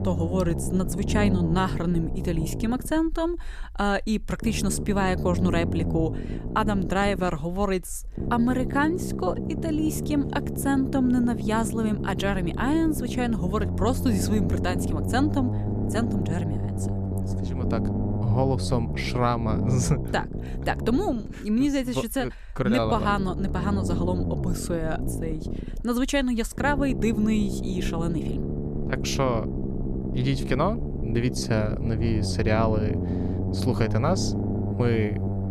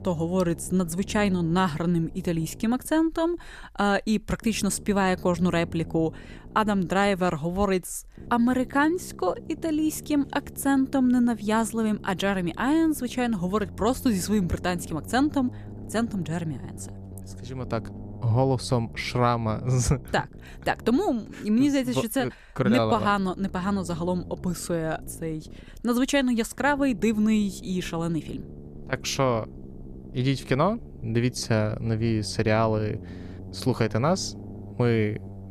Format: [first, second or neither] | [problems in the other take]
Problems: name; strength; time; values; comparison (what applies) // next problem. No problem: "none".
second | low rumble; loud; throughout; 8 dB below the speech; faint in the second